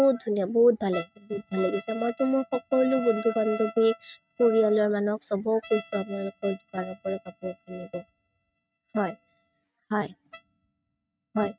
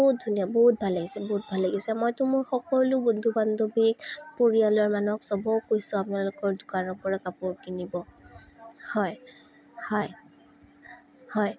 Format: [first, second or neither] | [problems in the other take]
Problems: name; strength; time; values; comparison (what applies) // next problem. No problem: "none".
second | noise reduction (neural mask model RNNoise)